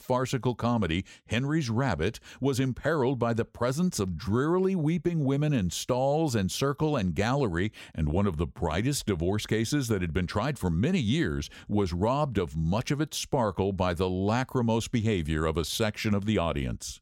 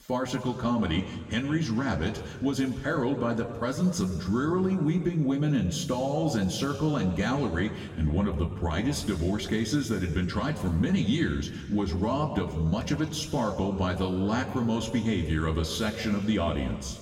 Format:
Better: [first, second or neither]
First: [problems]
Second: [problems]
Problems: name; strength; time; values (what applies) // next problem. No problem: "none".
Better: first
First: none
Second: room echo; slight; dies away in 1.9 s // off-mic speech; somewhat distant